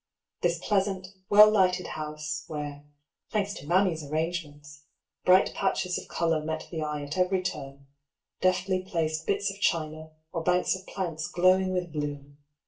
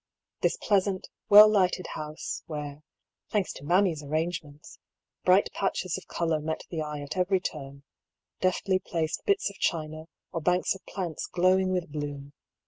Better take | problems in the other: second | room echo; dies away in 0.3 s

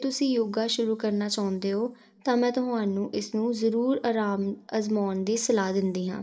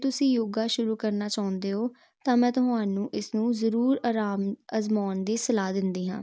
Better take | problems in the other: second | room echo; dies away in 0.4 s

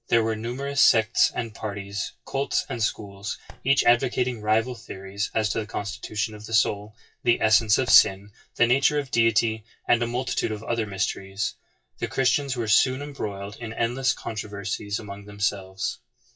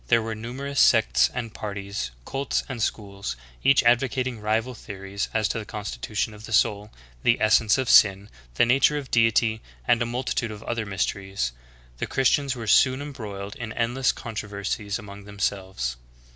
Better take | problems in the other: second | noise reduction (classical method WPE with log-MMSE)

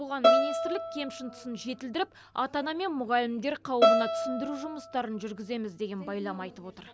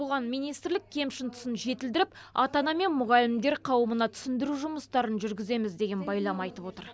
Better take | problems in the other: second | background sound (Bowed string instrument); 3 dB above the speech

